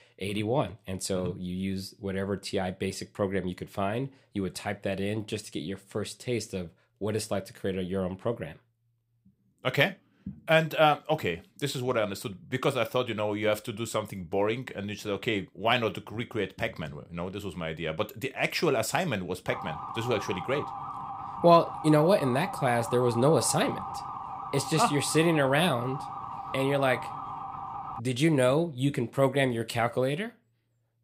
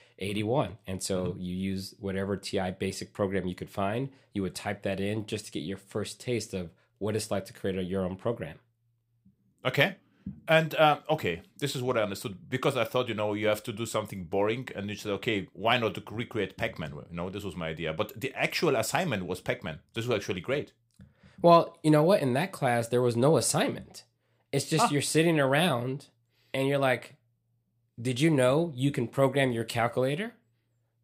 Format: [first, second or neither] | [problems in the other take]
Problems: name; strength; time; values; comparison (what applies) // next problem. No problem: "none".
second | siren; noticeable; from 19 to 28 s; peak 7 dB below the speech